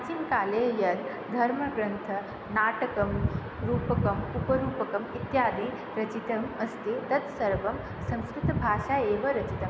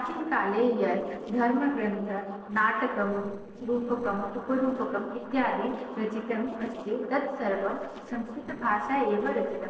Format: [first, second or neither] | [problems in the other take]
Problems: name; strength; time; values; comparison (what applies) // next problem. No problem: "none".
first | noise reduction (neural separator model SepFormer DNS4)